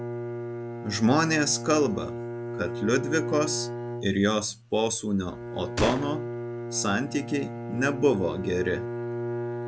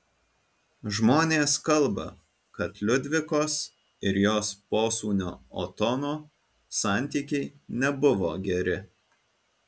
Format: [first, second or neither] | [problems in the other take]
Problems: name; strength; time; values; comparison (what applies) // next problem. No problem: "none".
second | background sound (Gunshot, gunfire + Bowed string instrument); 6 dB below the speech